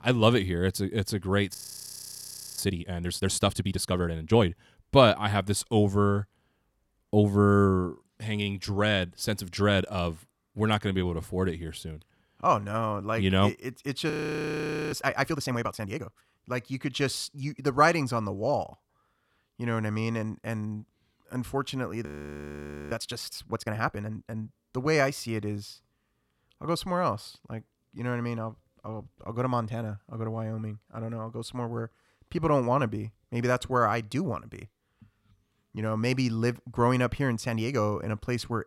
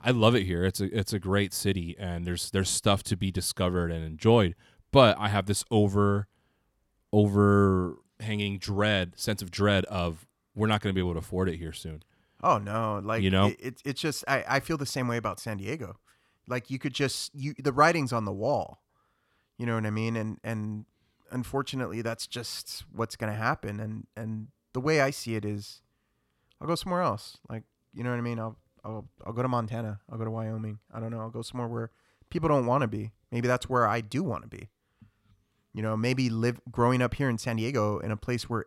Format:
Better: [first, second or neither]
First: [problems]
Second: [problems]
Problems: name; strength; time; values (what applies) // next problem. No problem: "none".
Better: second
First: audio freezing; at 1.5 s for 1 s, at 14 s for 1 s and at 22 s for 1 s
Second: none